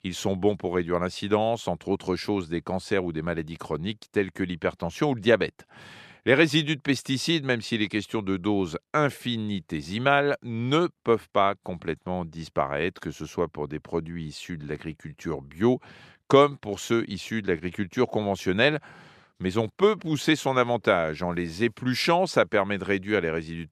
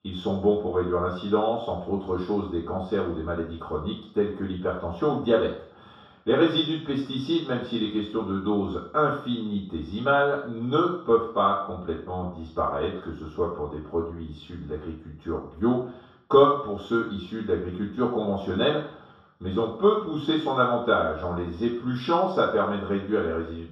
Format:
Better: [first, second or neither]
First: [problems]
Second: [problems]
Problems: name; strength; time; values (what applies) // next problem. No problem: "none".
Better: first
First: none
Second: room echo; noticeable; dies away in 0.6 s // off-mic speech; far